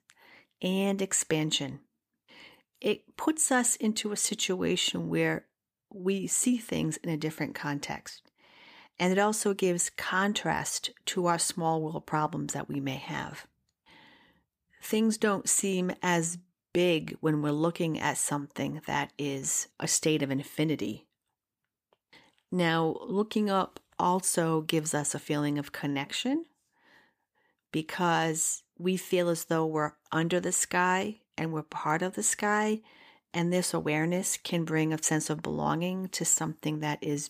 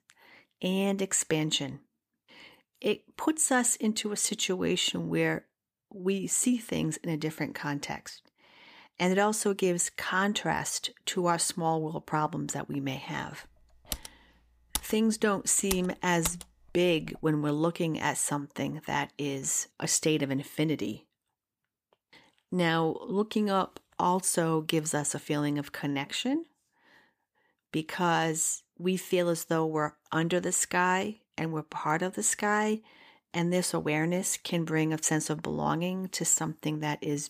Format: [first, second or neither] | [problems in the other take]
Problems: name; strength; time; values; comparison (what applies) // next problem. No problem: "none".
first | keyboard typing; noticeable; from 14 to 16 s; peak 6 dB below the speech